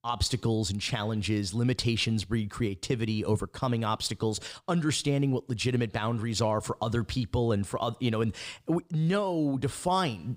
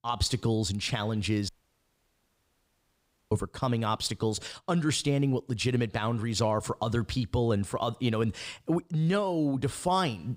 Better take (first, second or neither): first